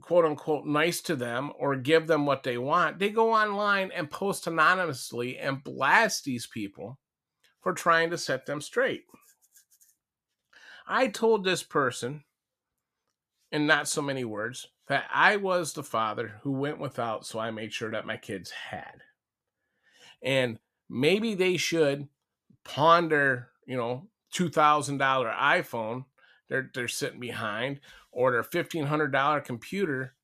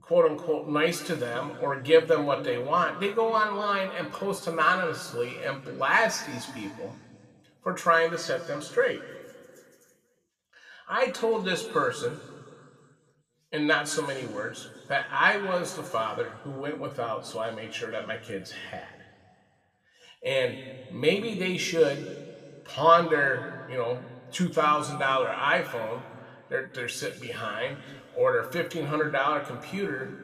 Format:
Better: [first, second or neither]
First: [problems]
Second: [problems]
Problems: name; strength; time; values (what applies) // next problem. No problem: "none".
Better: first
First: none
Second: room echo; slight; dies away in 1.6 s